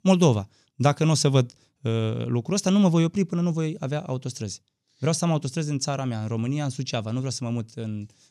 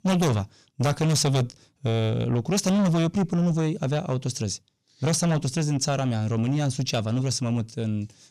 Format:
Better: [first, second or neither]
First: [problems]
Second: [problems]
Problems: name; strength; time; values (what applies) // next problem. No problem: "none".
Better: first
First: none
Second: distortion; heavy; 6 dB below the speech